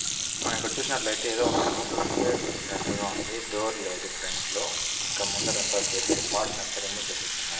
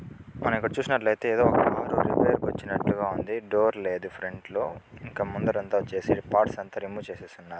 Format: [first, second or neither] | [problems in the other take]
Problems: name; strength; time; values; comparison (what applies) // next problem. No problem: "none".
second | background sound (Sink (filling or washing) / Water tap, faucet); as loud as the speech // room echo; dies away in 1.2 s